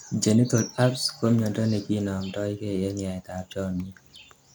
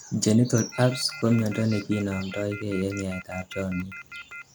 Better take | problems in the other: first | background sound (Telephone); 16 dB below the speech

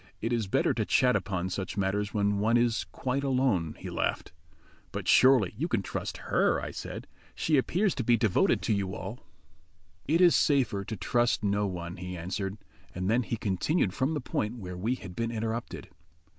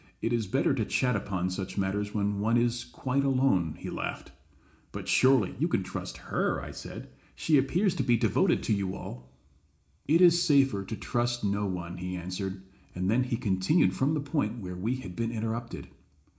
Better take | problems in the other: first | room echo; dies away in 0.4 s

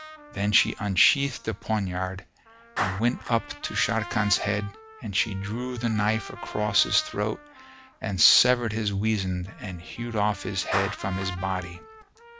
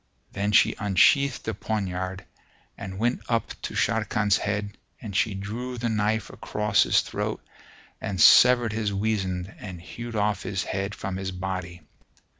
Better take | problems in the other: second | background sound (Clapping + Trumpet); 13 dB below the speech

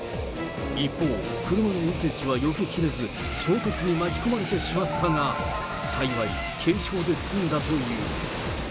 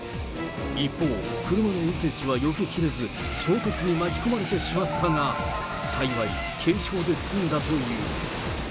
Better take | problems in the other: second | background sound (Frog); 17 dB below the speech

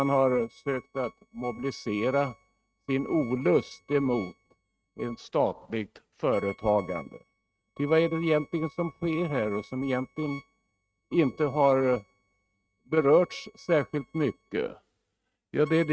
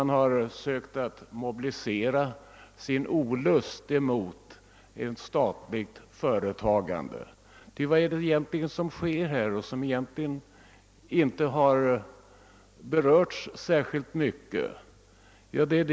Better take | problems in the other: second | noise reduction (neural mask model RNNoise)

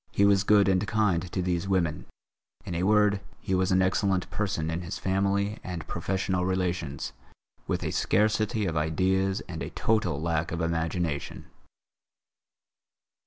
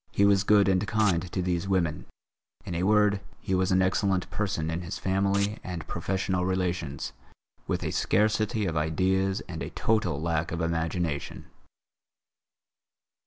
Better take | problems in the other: first | background sound (Domestic sounds, home sounds); 15 dB below the speech

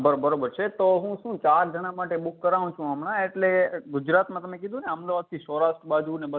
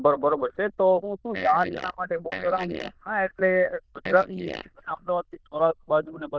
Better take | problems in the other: first | noise reduction (neural diffusion model UNIVERSE++)

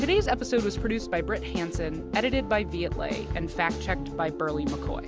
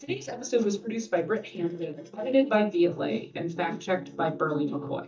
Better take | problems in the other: first | noise reduction (neural mask model DeepFilterNet 3)

